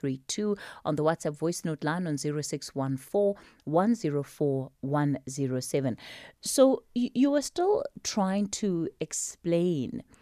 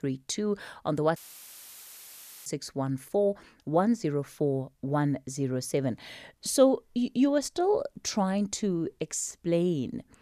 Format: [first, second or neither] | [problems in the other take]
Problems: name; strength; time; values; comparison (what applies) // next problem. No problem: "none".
first | audio cutting out; filled with static; at 1 s for 1.5 s